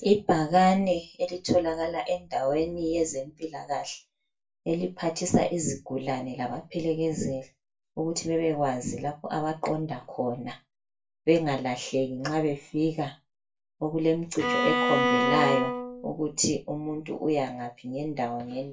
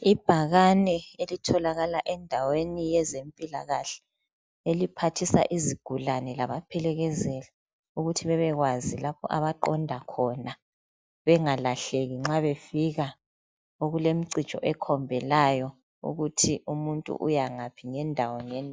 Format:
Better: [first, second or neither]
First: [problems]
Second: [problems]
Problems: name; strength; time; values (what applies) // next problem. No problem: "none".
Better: second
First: background sound (Bowed string instrument); 1 dB above the speech // room echo; dies away in 0.2 s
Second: none